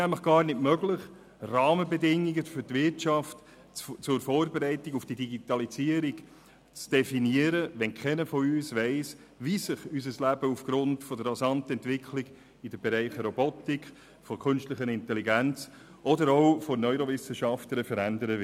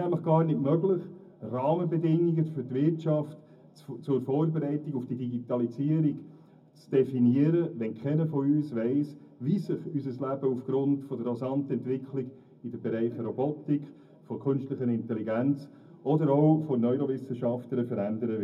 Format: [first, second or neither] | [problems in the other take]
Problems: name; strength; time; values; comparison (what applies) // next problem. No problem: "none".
first | room echo; dies away in 0.4 s